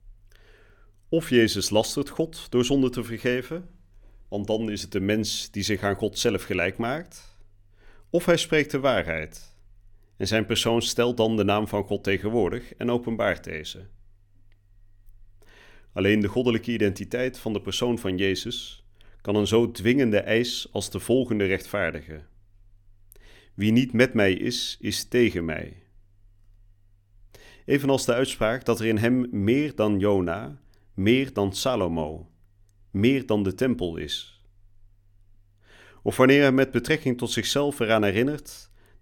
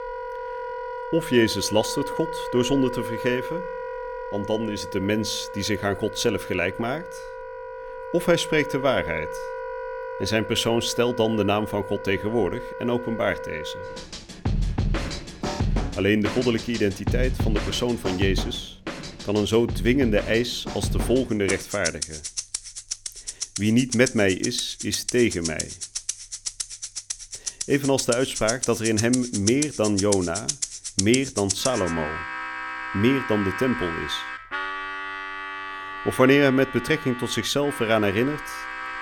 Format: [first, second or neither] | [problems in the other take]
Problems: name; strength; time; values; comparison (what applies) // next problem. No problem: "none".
first | background music; loud; throughout; 7 dB below the speech